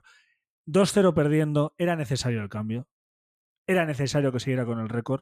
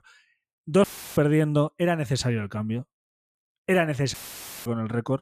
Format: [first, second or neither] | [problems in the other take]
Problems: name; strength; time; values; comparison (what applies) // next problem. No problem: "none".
first | audio cutting out; filled with static; at 1 s and at 4 s for 0.5 s